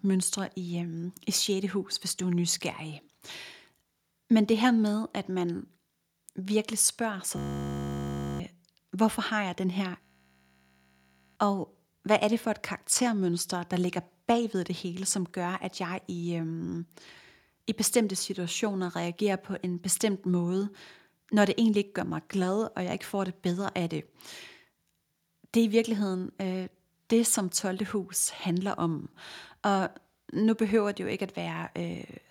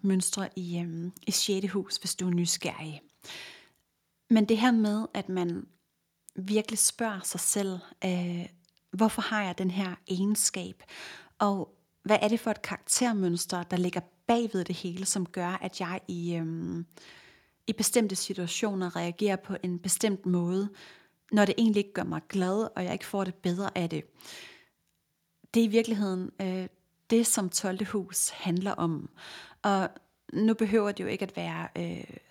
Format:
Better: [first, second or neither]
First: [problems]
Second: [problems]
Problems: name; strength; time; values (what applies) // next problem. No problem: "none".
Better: second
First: audio freezing; at 7.5 s for 1 s and at 10 s for 1.5 s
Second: none